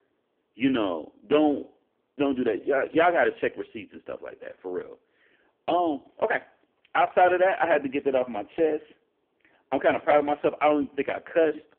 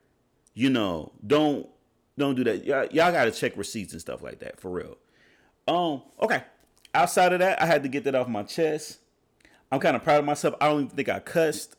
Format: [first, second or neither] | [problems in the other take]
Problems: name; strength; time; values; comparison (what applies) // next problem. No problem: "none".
second | phone-call audio; poor line